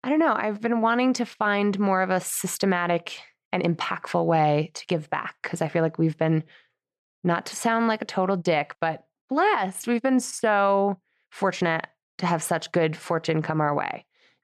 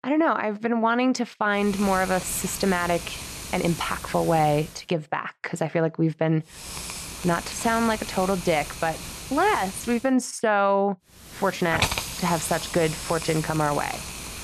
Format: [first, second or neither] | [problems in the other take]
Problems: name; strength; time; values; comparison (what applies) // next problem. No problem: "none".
first | hiss; loud; from 1.5 to 4.5 s, from 6.5 to 10 s and from 11 s on; 8 dB below the speech